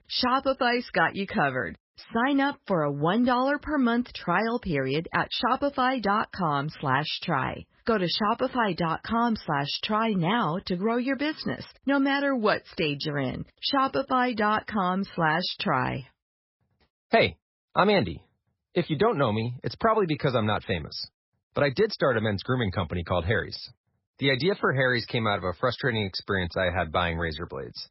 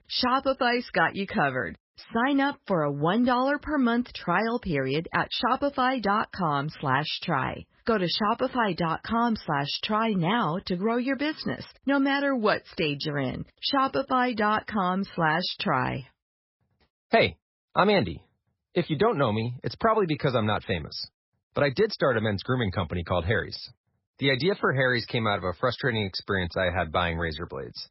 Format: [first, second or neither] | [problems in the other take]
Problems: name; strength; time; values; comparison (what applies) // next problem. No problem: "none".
neither | garbled, watery; badly; nothing above 5.5 kHz; the same in both